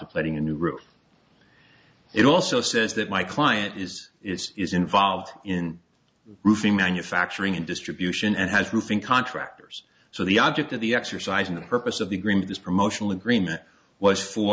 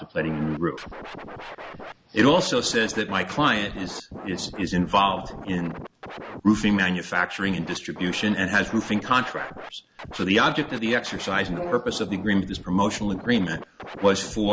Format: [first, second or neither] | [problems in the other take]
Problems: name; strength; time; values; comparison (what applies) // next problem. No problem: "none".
first | background sound (Scratching (performance technique) + Brass instrument); 13 dB below the speech